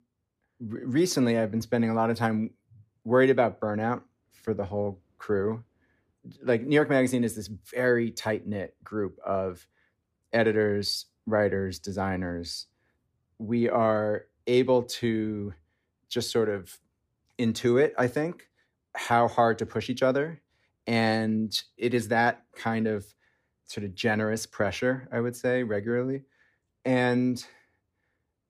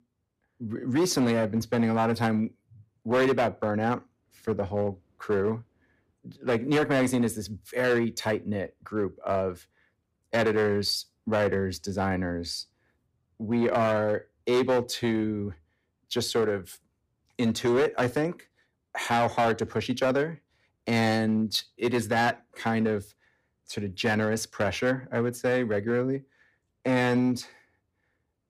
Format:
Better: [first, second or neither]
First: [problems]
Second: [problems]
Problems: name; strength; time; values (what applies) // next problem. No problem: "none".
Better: first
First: none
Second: distortion; slight; 7% of the sound clipped